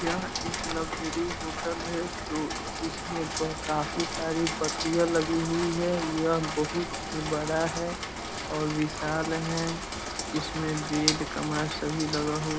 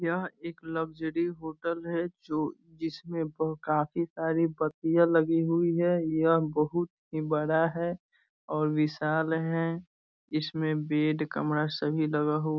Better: second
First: background sound (Rain); 3 dB below the speech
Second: none

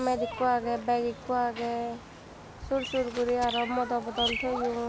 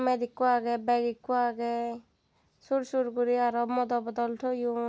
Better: second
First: background sound (Bird vocalization, bird call, bird song); 9 dB below the speech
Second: none

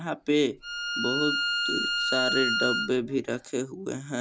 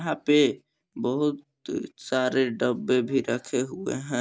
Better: second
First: background sound (Bowed string instrument); as loud as the speech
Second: none

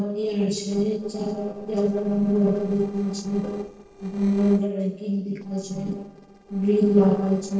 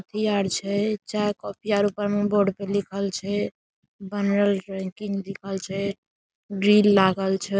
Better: second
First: noise reduction (neural separator model SepFormer DNS4)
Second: none

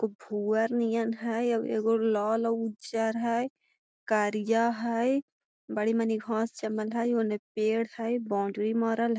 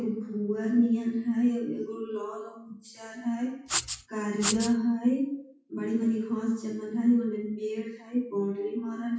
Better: first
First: none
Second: noise reduction (classical method WPE with log-MMSE)

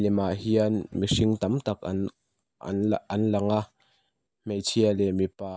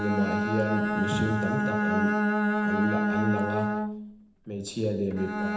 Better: first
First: none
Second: background sound (Bowed string instrument); 3 dB above the speech // room echo; dies away in 0.8 s

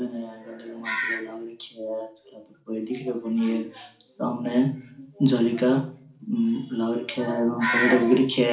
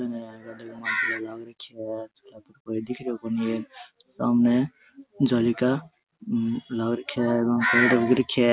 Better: second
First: room echo; dies away in 0.4 s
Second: none

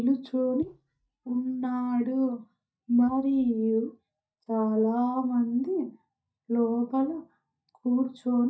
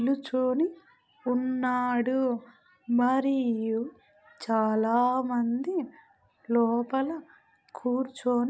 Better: second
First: noise reduction (neural mask model DeepFilterNet 3)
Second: none

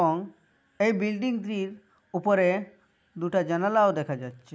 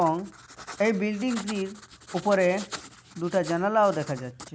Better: first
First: none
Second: background sound (Writing); 16 dB below the speech

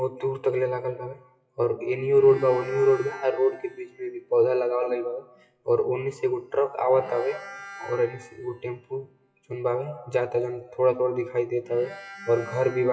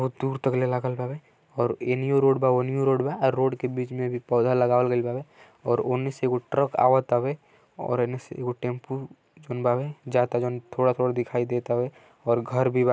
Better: second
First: noise reduction (classical method WPE with log-MMSE)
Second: none

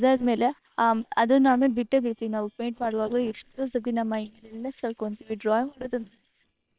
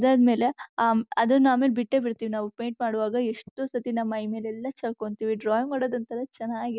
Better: second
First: noise reduction (neural separator model SepFormer WHAM!)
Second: none

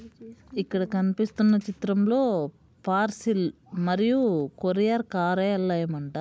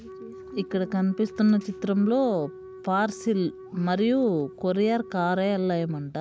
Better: first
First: none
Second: background sound (Wind instrument, woodwind instrument); 17 dB below the speech

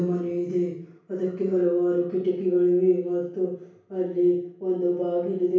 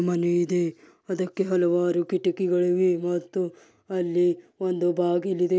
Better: second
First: room echo; dies away in 0.6 s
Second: none

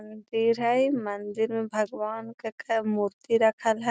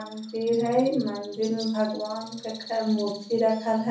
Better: first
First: none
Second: background sound (Bird); 18 dB below the speech // room echo; dies away in 0.6 s

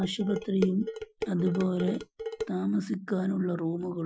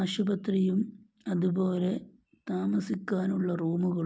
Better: second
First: noise reduction (classical method Wiener filter)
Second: none

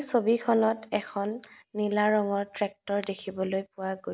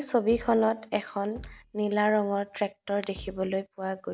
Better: first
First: none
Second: background sound (Bass drum); 20 dB below the speech

